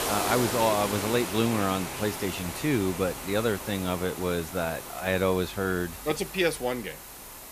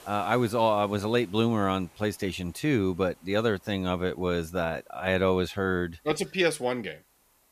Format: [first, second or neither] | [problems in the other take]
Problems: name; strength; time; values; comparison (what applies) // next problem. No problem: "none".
second | hiss; loud; throughout; 6 dB below the speech; faint in the second